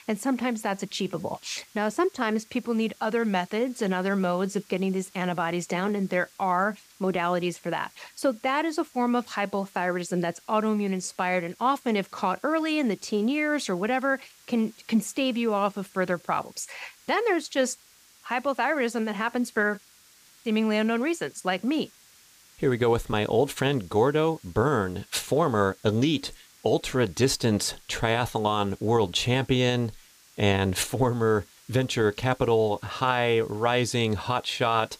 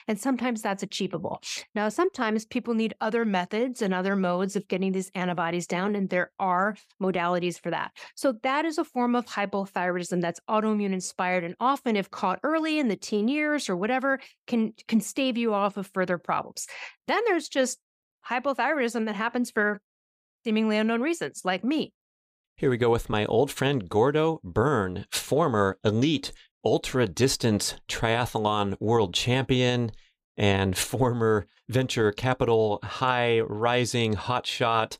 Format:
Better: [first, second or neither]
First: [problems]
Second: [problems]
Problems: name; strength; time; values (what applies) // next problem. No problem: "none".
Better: second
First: hiss; faint; throughout; 25 dB below the speech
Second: none